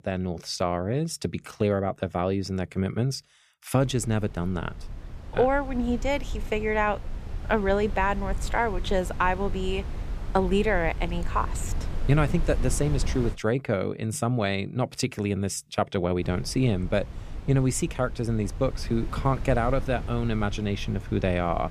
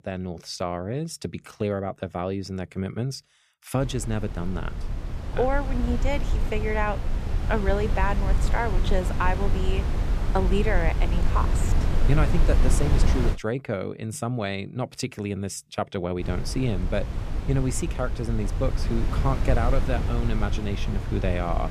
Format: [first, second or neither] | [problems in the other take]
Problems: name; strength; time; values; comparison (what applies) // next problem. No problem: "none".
first | wind noise on the microphone; heavy; from 4 to 13 s and from 16 s on; 7 dB below the speech; occasional gusts in the first